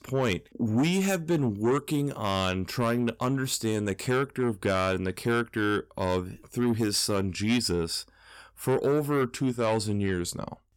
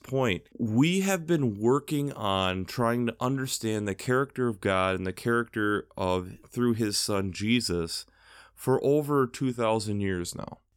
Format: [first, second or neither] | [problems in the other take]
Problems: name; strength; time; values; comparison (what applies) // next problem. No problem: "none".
second | distortion; slight; 10 dB below the speech